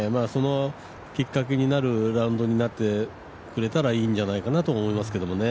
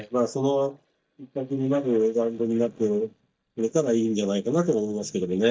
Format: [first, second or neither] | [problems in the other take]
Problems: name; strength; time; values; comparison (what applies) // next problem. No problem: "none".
first | noise reduction (neural mask model DeepFilterNet 3)